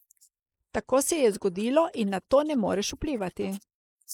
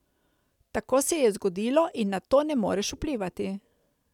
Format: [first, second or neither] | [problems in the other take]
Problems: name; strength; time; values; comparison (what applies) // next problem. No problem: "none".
second | noise reduction (neural mask model Resemble Enhance denoiser)